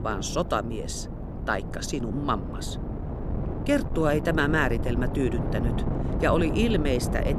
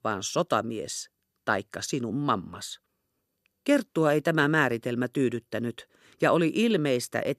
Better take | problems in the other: second | wind noise on the microphone; heavy; 10 dB below the speech

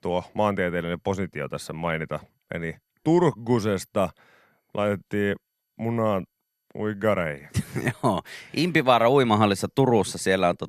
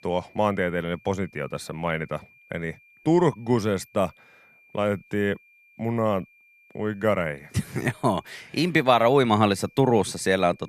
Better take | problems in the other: first | high-pitched whine; faint; throughout; 2.5 kHz, 30 dB below the speech

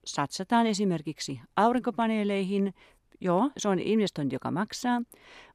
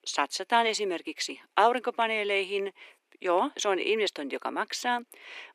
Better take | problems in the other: first | thin; somewhat; fading below 300 Hz

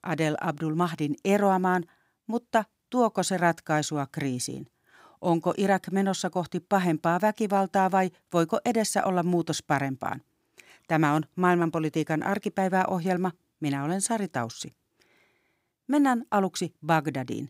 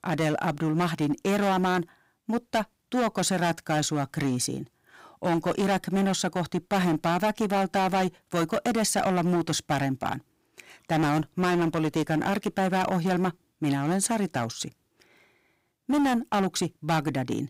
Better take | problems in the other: first | distortion; heavy; 14% of the sound clipped

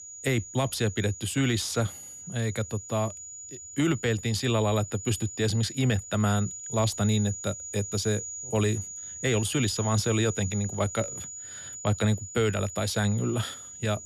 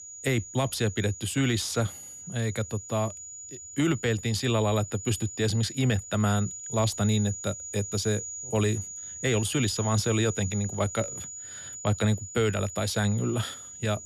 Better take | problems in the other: neither | high-pitched whine; loud; throughout; 7 kHz, 9 dB below the speech; the same in both

